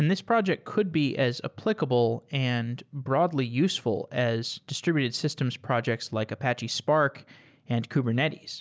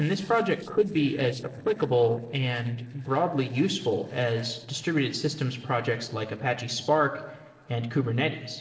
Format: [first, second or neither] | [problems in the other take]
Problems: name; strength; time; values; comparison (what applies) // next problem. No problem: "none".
first | noise reduction (neural separator model SepFormer DNS4)